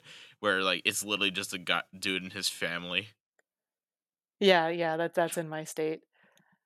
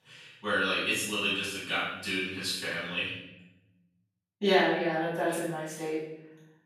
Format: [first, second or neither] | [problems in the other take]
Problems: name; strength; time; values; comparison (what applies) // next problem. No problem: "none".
first | room echo; strong; dies away in 0.8 s // off-mic speech; far